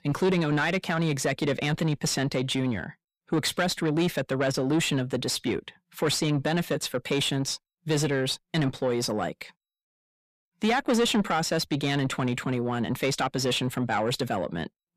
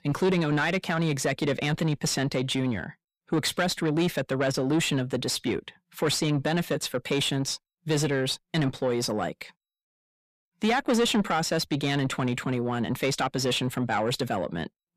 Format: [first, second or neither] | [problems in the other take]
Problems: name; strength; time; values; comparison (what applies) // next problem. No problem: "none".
neither | distortion; slight; 10 dB below the speech; the same in both